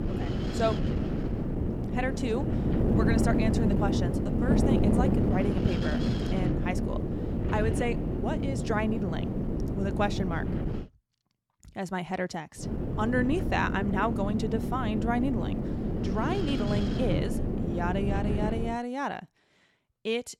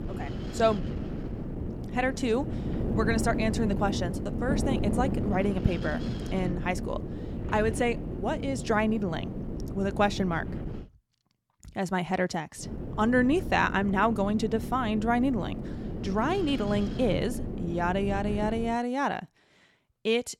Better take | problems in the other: second | wind noise on the microphone; heavy; until 11 s and from 13 to 19 s; 2 dB below the speech; occasional gusts in the second

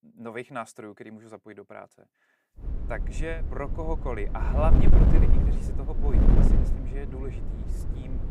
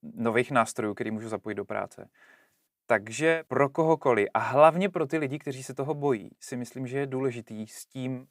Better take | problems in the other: second | wind noise on the microphone; heavy; from 2.5 s on; 2 dB below the speech

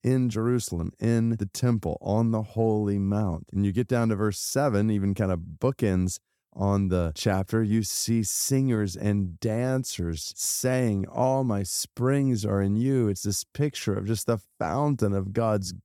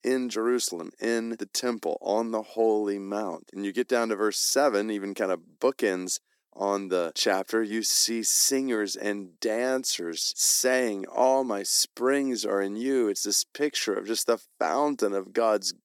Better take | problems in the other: first | thin; somewhat; fading below 300 Hz

